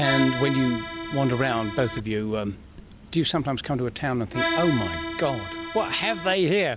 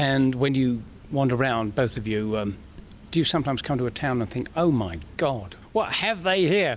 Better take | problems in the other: second | background sound (Accordion); 5 dB below the speech

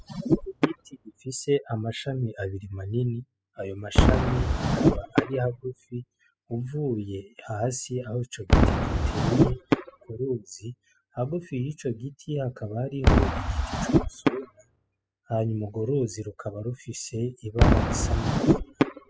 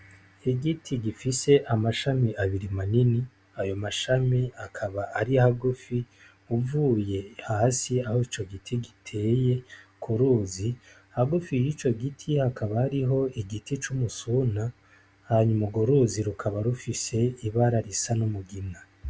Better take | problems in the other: second | noise reduction (classical method spectral subtraction)

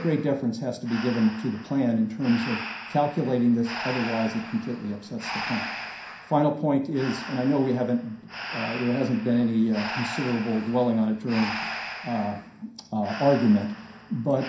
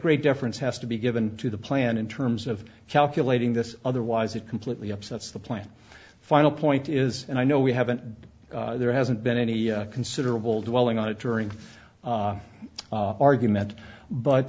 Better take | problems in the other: second | background sound (Breathing); 11 dB below the speech // room echo; dies away in 0.5 s

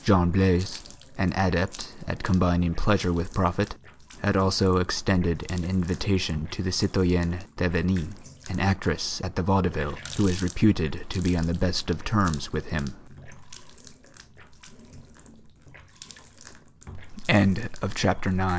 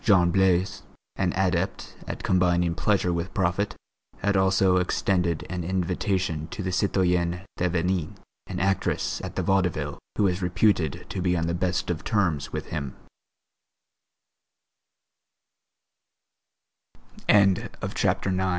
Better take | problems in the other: second | background sound (Water tap, faucet); 20 dB below the speech

